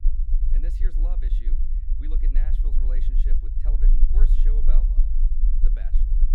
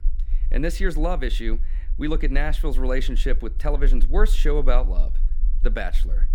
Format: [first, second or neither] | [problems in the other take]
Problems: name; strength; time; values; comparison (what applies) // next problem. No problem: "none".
second | low rumble; loud; throughout; 1 dB below the speech; faint in the second